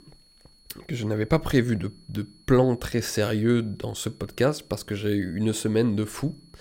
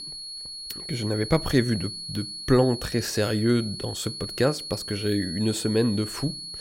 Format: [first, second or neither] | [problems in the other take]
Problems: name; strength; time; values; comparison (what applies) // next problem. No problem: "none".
first | high-pitched whine; loud; throughout; 4.5 kHz, 8 dB below the speech; faint in the first